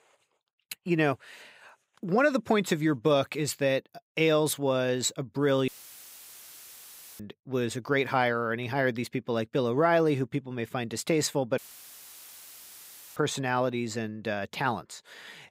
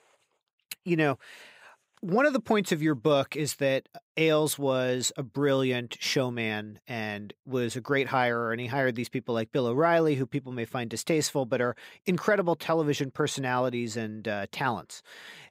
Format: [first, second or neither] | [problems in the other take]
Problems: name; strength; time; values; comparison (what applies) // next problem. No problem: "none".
second | audio cutting out; filled with static; at 5.5 s for 1.5 s and at 12 s for 1.5 s